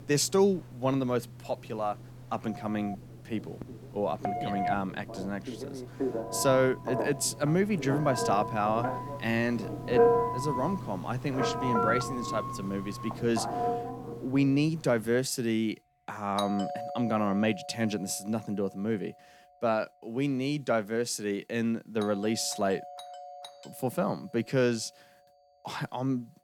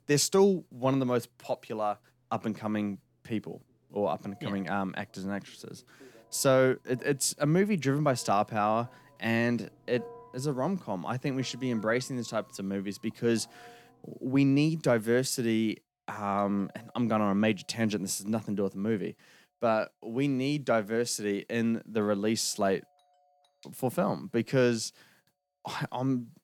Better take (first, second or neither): second